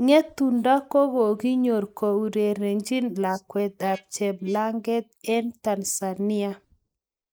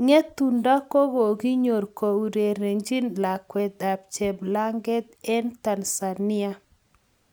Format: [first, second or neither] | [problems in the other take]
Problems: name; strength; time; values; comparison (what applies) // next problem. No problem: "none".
second | noise reduction (neural mask model Resemble Enhance denoiser)